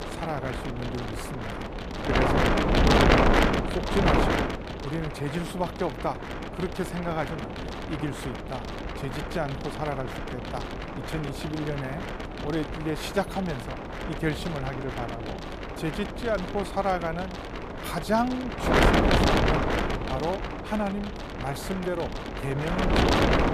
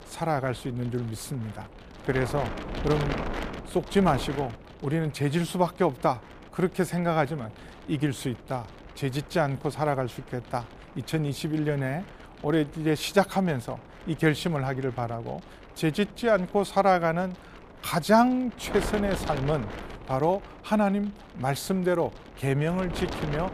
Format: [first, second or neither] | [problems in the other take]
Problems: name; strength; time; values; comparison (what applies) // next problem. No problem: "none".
second | wind noise on the microphone; heavy; 4 dB above the speech; occasional gusts in the second